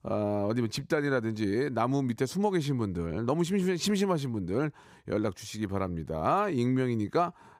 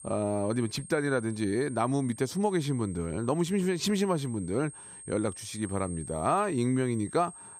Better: first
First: none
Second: high-pitched whine; noticeable; throughout; 8.5 kHz, 15 dB below the speech

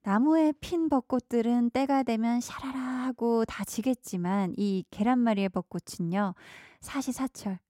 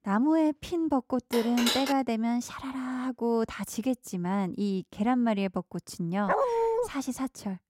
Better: first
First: none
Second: phone ringing; loud; at 1.5 s; peak 1 dB above the speech // dog barking; loud; at 6.5 s; peak 4 dB above the speech

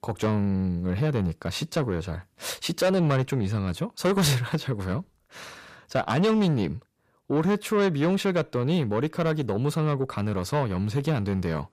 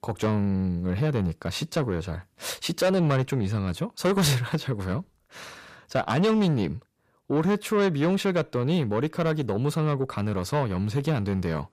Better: neither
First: distortion; slight; 10 dB below the speech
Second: distortion; slight; 10 dB below the speech

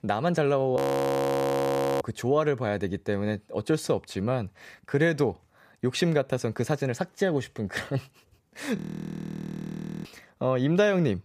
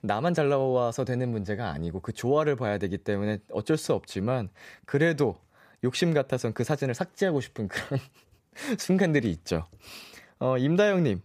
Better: second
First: audio freezing; at 1 s for 1 s and at 9 s for 1.5 s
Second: none

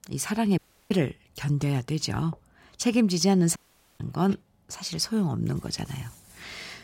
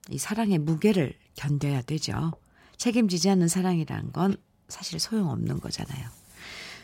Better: second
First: audio cutting out; at 0.5 s and at 3.5 s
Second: none

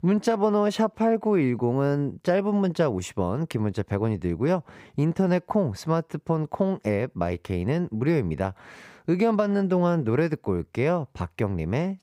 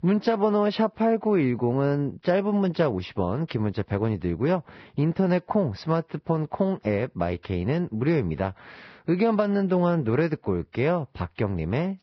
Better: first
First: none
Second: garbled, watery; badly; nothing above 5.5 kHz

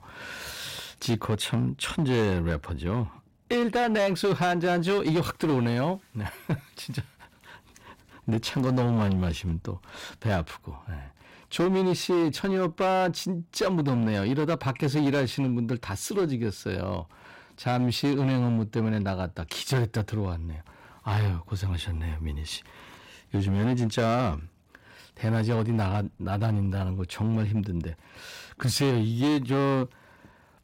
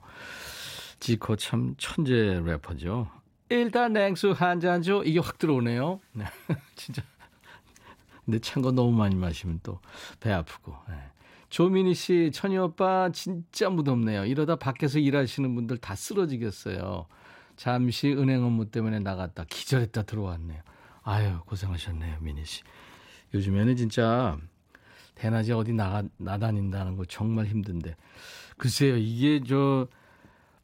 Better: second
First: distortion; slight; 11% of the sound clipped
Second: none

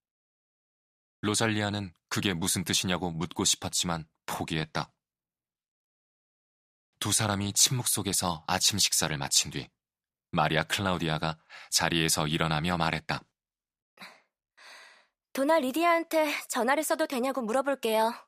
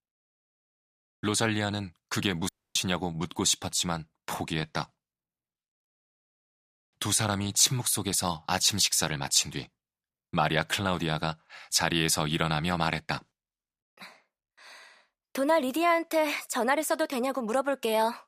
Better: first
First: none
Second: audio cutting out; at 2.5 s

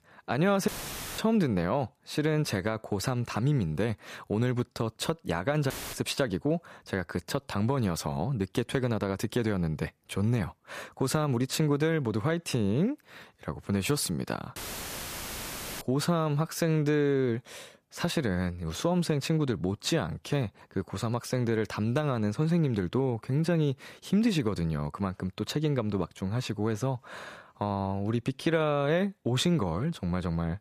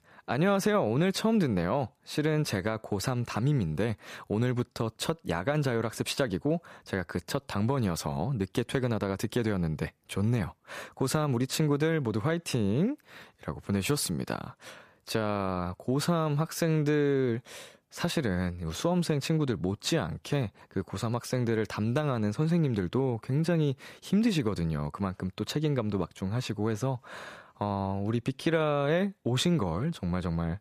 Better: second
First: audio cutting out; filled with static; at 0.5 s, at 5.5 s and at 15 s for 1.5 s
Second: none

